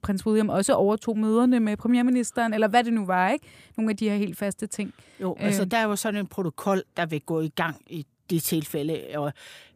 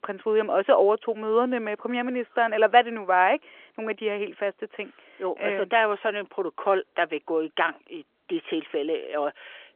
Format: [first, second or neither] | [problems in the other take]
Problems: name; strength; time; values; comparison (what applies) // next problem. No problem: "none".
first | phone-call audio